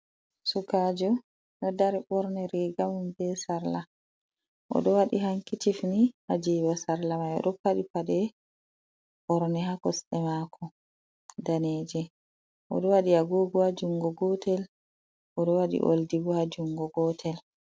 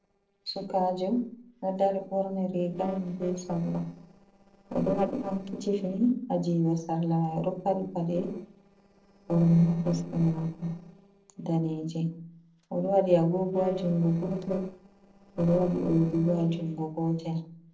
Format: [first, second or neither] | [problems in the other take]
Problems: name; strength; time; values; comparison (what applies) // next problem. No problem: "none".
first | noise reduction (neural separator model SepFormer DNS4)